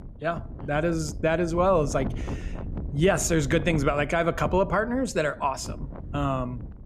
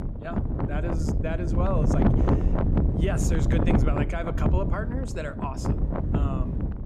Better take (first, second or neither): first